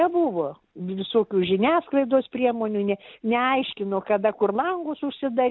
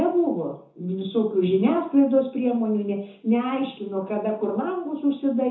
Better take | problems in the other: first | room echo; dies away in 0.6 s

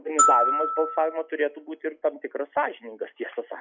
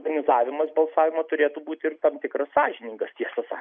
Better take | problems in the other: second | noise reduction (classical method log-MMSE)

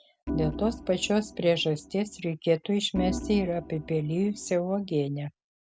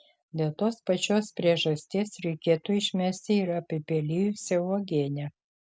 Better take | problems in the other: second | background sound (Organ); 9 dB below the speech

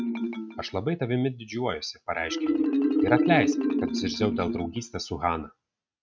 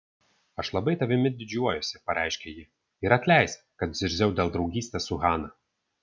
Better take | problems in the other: second | noise reduction (neural mask model RNNoise)

